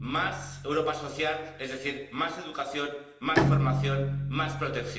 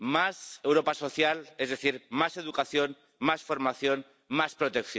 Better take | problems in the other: second | background sound (Bowed string instrument); as loud as the speech // room echo; dies away in 0.9 s

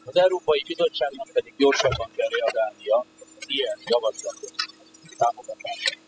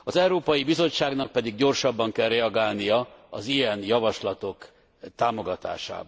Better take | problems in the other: second | noise reduction (classical method spectral subtraction)

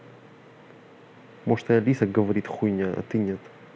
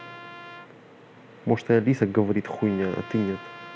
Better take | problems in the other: first | background sound (Trumpet); 19 dB below the speech

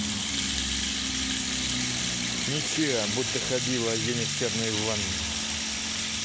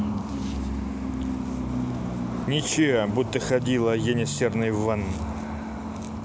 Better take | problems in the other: second | background sound (Rattle (instrument)); 2 dB above the speech

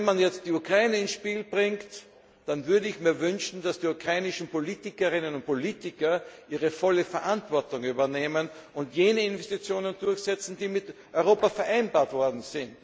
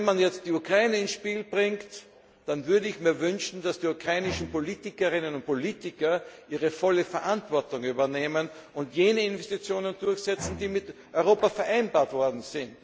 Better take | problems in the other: first | background sound (Bowed string instrument); 16 dB below the speech

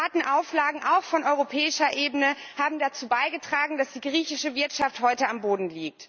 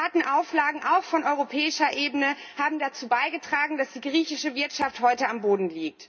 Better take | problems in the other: first | room echo; dies away in 0.3 s

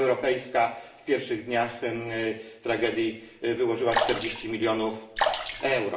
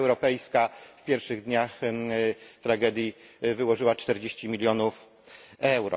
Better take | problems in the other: second | background sound (Sink (filling or washing) / Water / Splash, splatter); 1 dB below the speech // room echo; dies away in 0.6 s

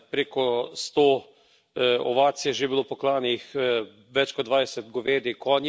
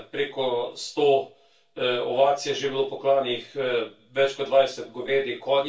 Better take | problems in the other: first | room echo; dies away in 0.2 s

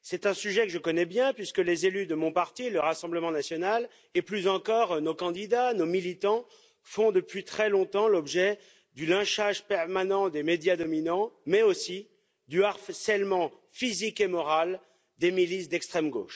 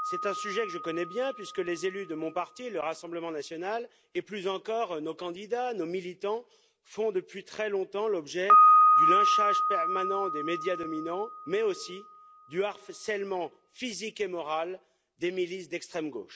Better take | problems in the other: first | background sound (Piano); 3 dB above the speech

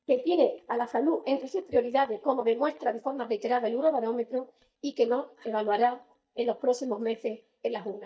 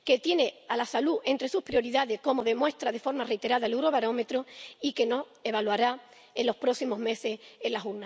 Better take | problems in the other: second | noise reduction (neural mask model DeepFilterNet 3)

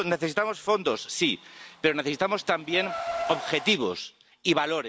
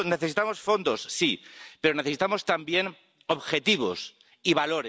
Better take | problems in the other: second | background sound (Car); 12 dB below the speech

